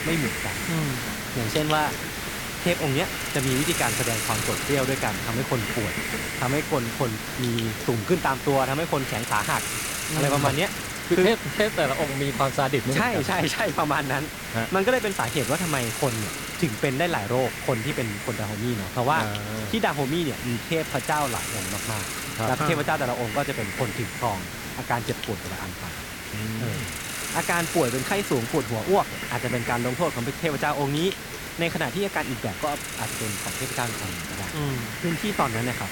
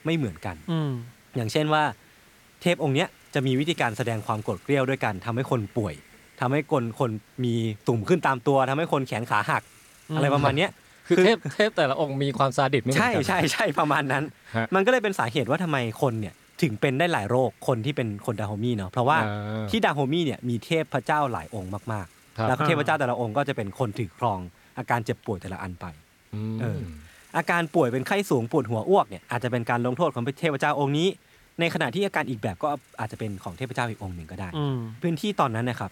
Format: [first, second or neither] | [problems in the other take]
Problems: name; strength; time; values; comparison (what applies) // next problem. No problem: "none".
second | hiss; loud; throughout; 3 dB below the speech; faint in the second